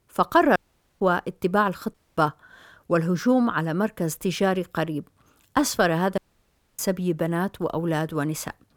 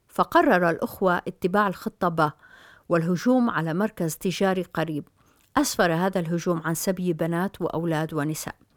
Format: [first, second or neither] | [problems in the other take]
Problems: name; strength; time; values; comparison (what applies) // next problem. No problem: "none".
second | audio cutting out; at 0.5 s, at 2 s and at 6 s for 0.5 s